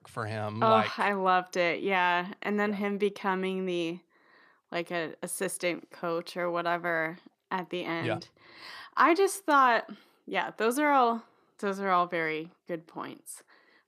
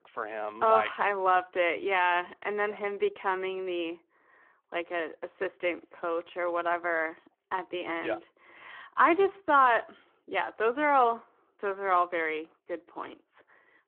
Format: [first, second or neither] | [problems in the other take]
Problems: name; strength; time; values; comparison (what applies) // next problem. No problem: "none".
first | phone-call audio